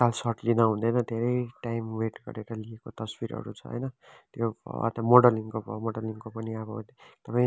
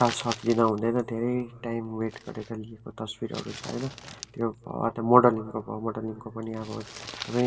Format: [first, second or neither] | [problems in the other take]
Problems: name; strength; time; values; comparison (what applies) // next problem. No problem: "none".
first | background sound (Crumpling, crinkling); 17 dB below the speech // room echo; dies away in 1.9 s